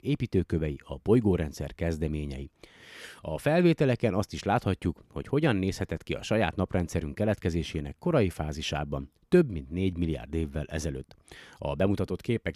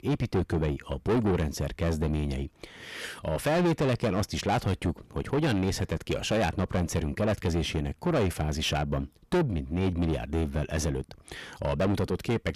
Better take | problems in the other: first | distortion; heavy; 7 dB below the speech

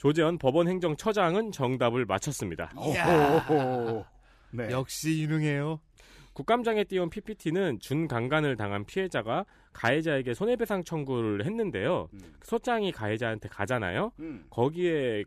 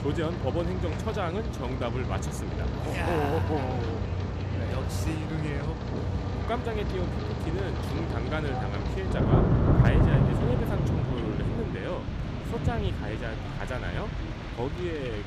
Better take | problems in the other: first | rain or running water; very loud; throughout; 5 dB above the speech

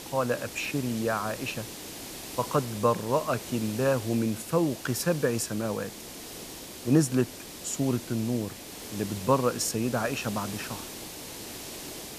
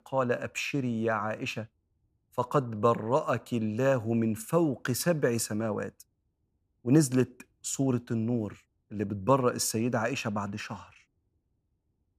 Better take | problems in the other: second | hiss; noticeable; throughout; 10 dB below the speech

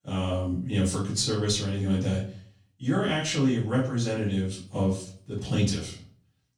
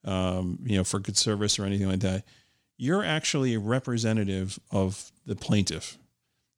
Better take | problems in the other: second | off-mic speech; far // room echo; slight; dies away in 0.4 s

